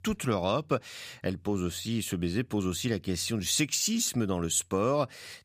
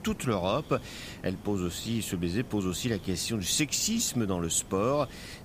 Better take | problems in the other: first | hiss; noticeable; throughout; 15 dB below the speech

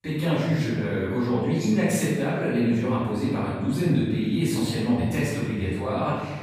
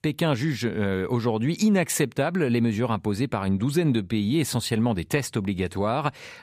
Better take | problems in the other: second | off-mic speech; far // room echo; strong; dies away in 1.3 s

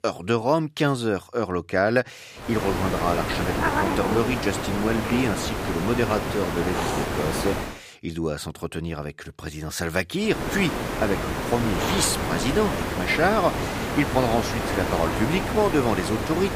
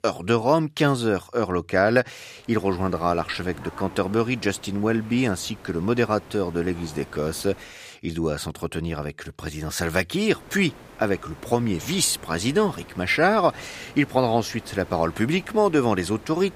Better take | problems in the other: second | hiss; loud; from 2.5 to 7.5 s and from 10 s on; 2 dB below the speech; faint in the second

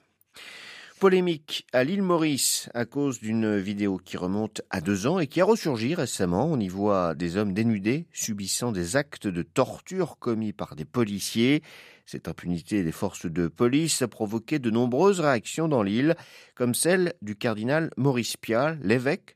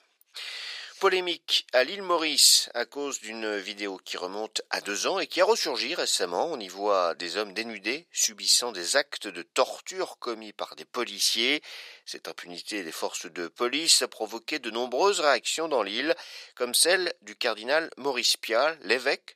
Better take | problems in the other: first | thin; very; fading below 450 Hz

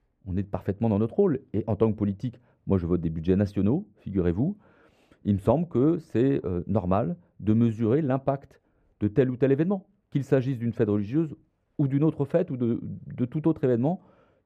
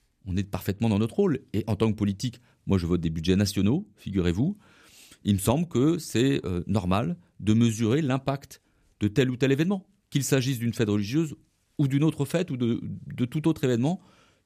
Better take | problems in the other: second | muffled; very; fading above 3 kHz

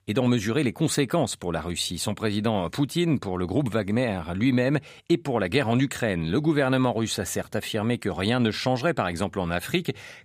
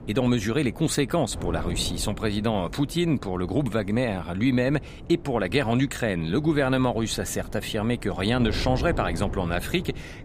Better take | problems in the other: first | wind noise on the microphone; occasional gusts; 15 dB below the speech

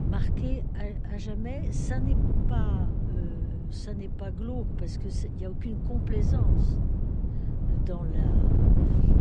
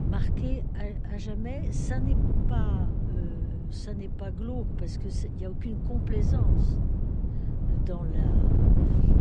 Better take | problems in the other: neither | wind noise on the microphone; heavy; 2 dB above the speech; the same in both

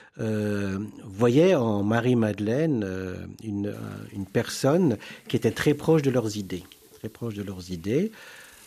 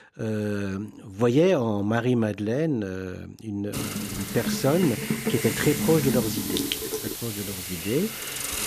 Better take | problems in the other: first | hiss; loud; from 3.5 s on; 3 dB below the speech; faint in the first

